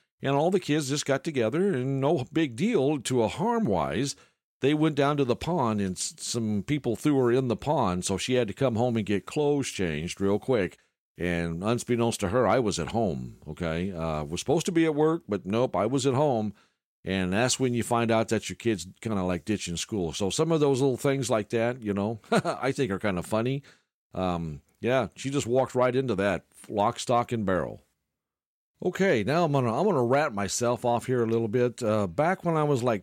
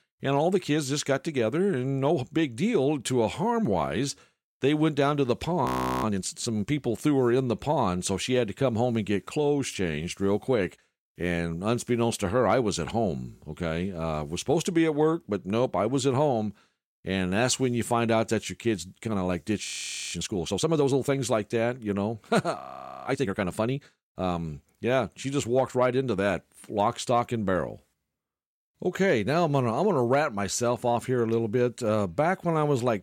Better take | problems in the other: first | audio freezing; at 5.5 s, at 20 s and at 23 s

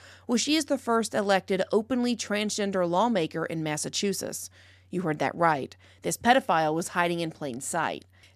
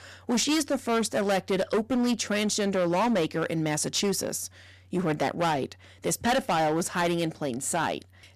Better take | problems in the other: first | distortion; heavy; 13% of the sound clipped

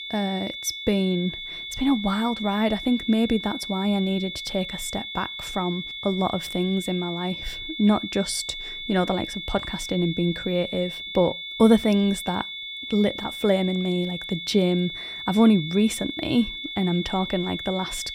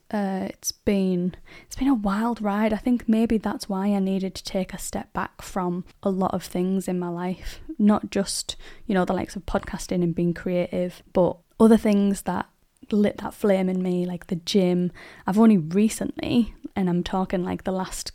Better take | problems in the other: second | high-pitched whine; loud; throughout; 3.5 kHz, 8 dB below the speech

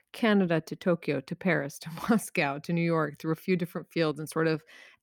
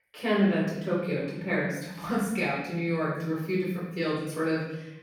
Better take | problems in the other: first | off-mic speech; far // room echo; noticeable; dies away in 0.9 s

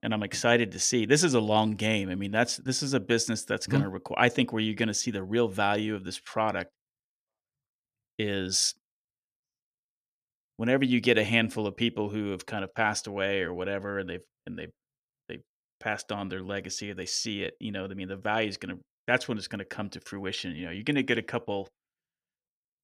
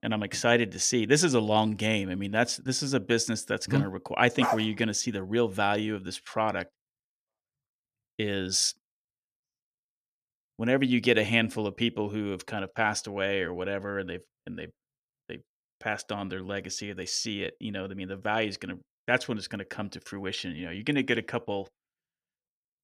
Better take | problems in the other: first | dog barking; noticeable; at 4.5 s; peak 2 dB below the speech

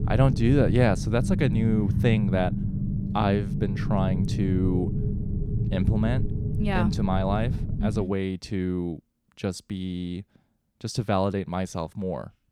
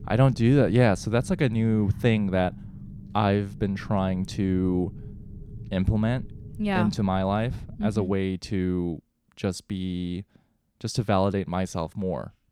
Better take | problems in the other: second | low rumble; loud; until 8 s; 9 dB below the speech; faint in the second

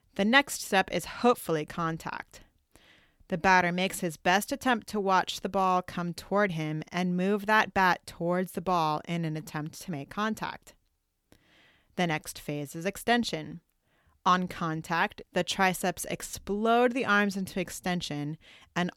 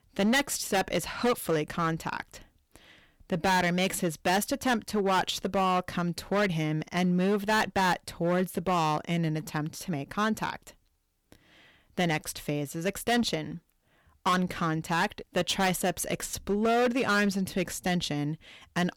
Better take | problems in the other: first | distortion; heavy; 8% of the sound clipped

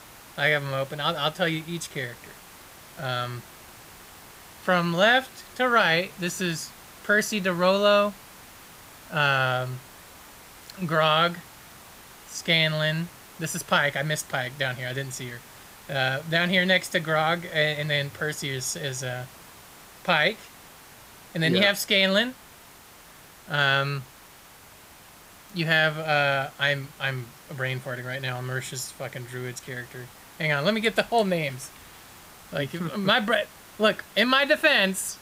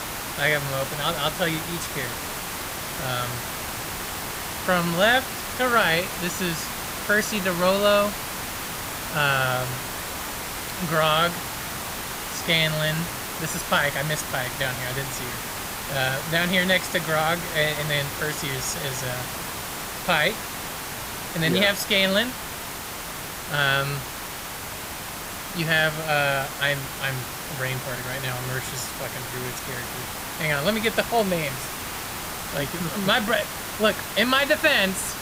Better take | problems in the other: first | hiss; loud; throughout; 6 dB below the speech; faint in the first

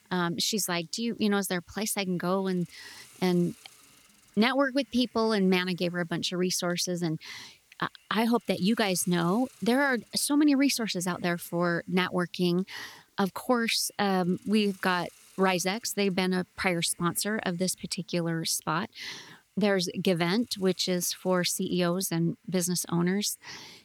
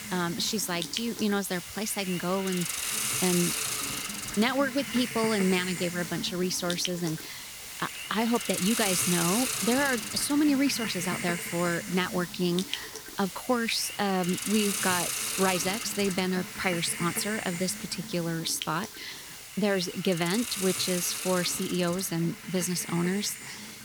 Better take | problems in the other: first | hiss; loud; throughout; 4 dB below the speech; faint in the first

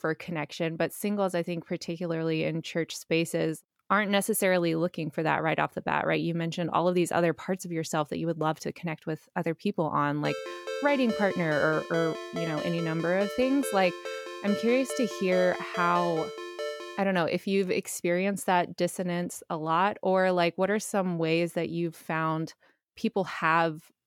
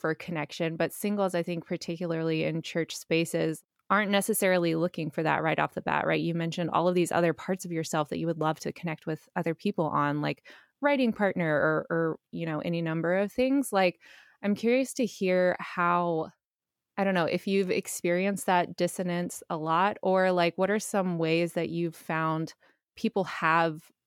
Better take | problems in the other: second | phone ringing; noticeable; from 10 to 17 s; peak 7 dB below the speech

